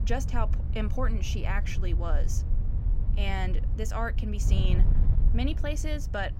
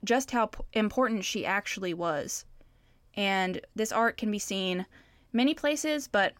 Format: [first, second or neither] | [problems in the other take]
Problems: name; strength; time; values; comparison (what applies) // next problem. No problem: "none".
second | wind noise on the microphone; occasional gusts; 10 dB below the speech